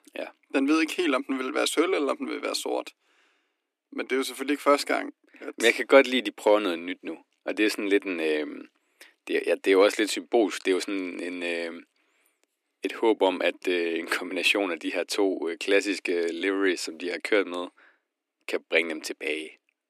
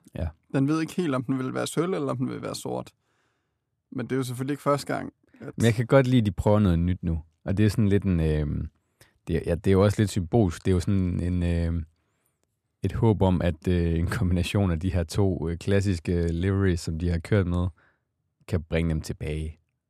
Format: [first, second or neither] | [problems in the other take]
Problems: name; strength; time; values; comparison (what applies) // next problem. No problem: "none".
second | thin; somewhat; fading below 300 Hz